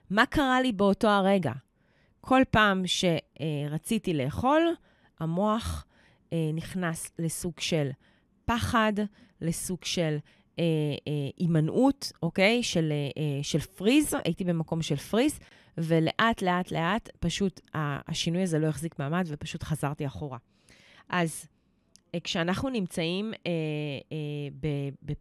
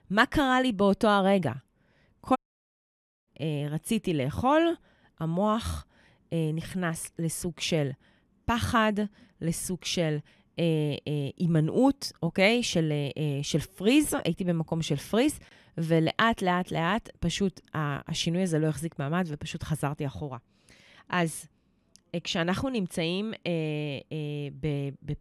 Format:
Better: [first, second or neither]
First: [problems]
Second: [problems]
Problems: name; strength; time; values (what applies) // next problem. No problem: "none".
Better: first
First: none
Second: audio cutting out; at 2.5 s for 1 s